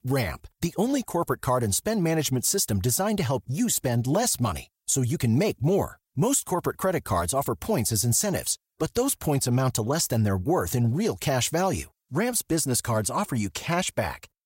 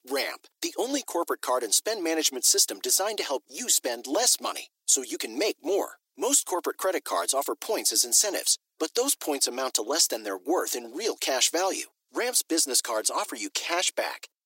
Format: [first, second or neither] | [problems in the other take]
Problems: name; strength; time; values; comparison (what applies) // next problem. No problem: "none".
first | thin; somewhat; fading below 300 Hz